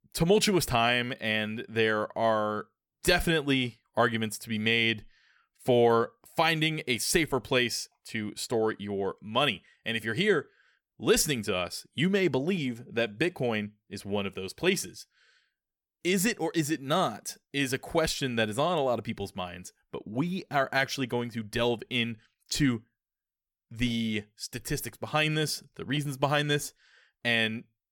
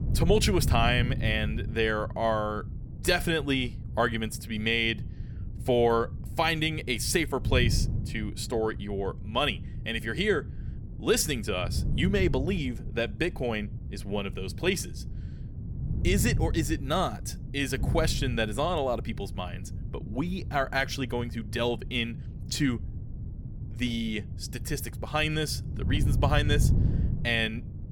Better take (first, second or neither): first